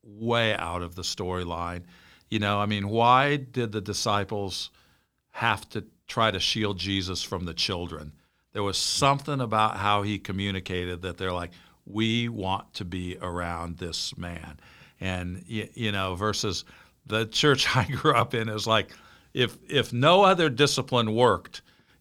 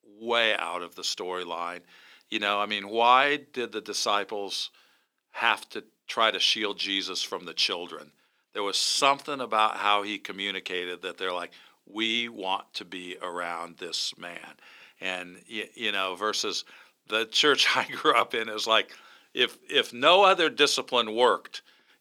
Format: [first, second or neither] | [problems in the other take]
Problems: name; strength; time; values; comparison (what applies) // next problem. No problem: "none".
first | thin; somewhat; fading below 300 Hz